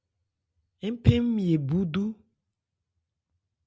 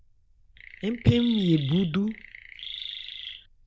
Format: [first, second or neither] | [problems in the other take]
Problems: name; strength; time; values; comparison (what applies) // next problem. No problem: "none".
first | noise reduction (neural diffusion model UNIVERSE++)